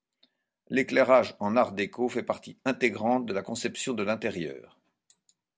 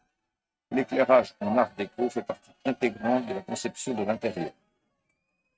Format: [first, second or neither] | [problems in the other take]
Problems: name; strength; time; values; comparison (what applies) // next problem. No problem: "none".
first | noise reduction (neural mask model RNNoise)